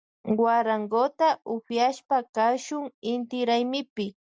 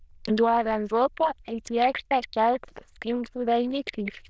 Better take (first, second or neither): first